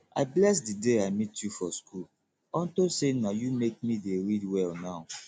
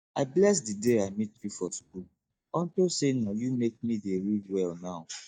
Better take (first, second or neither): first